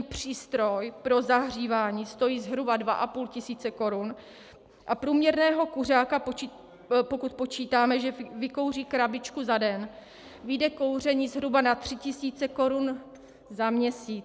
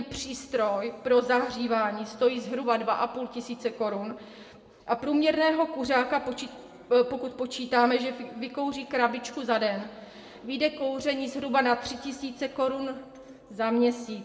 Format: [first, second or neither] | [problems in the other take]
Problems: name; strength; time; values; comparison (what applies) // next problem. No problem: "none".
first | room echo; dies away in 1.2 s